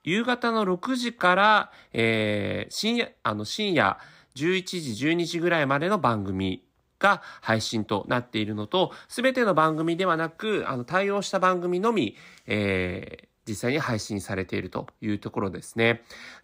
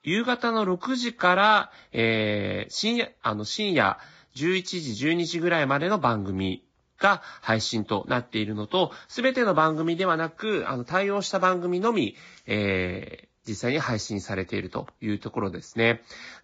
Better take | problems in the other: first | garbled, watery; badly; nothing above 7.5 kHz

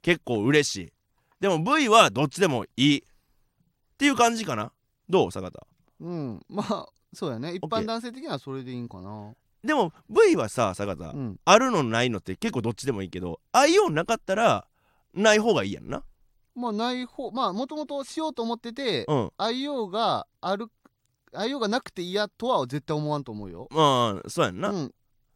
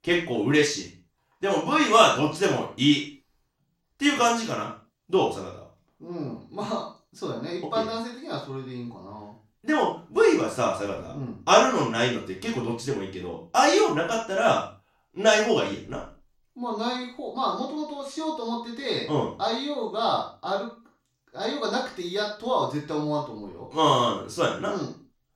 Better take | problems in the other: first | room echo; noticeable; dies away in 0.3 s // off-mic speech; far

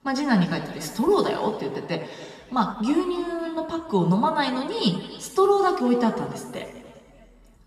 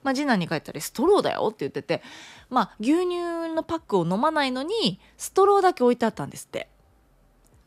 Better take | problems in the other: second | room echo; noticeable; dies away in 1.8 s // off-mic speech; somewhat distant

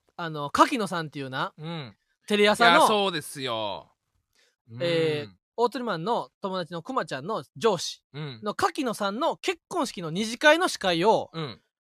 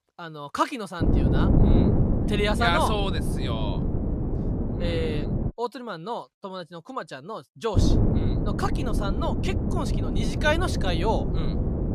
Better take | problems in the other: first | wind noise on the microphone; heavy; from 1 to 5.5 s and from 8 s on; 4 dB below the speech

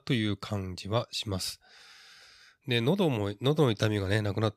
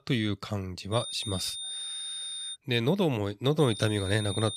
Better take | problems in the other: first | high-pitched whine; loud; from 1 to 2.5 s and at 3.5 s; 3.5 kHz, 7 dB below the speech

